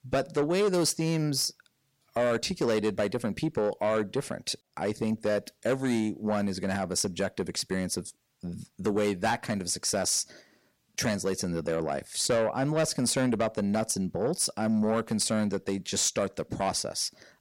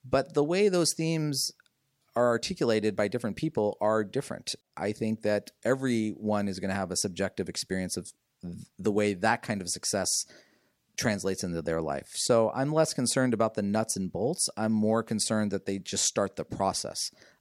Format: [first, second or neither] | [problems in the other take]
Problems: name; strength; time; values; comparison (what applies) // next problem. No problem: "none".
second | distortion; slight; 10 dB below the speech